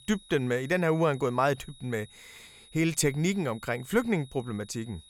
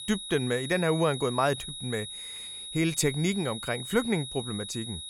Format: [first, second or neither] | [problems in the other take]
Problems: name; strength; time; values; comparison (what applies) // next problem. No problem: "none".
first | high-pitched whine; loud; throughout; 4 kHz, 8 dB below the speech; faint in the first